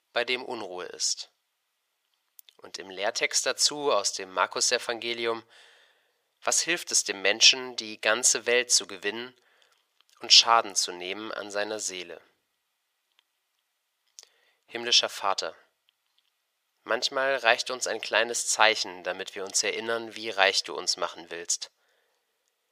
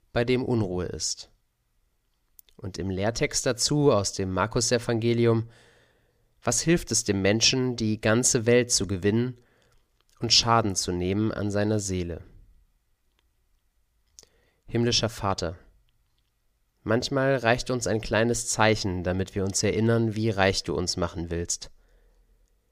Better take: second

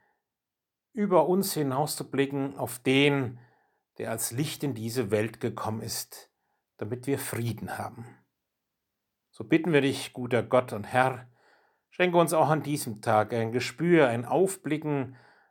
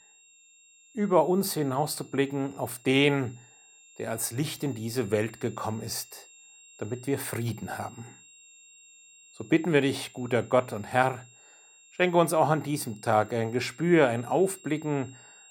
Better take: first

